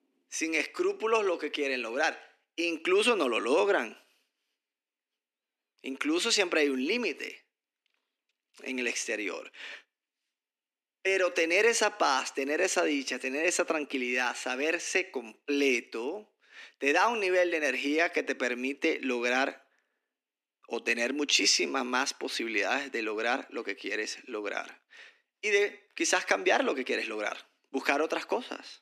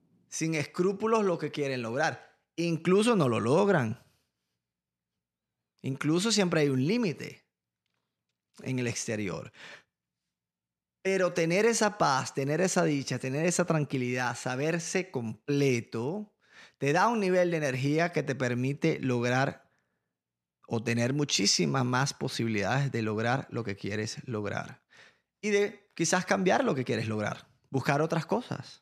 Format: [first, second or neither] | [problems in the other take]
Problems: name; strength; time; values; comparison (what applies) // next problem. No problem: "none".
second | thin; somewhat; fading below 250 Hz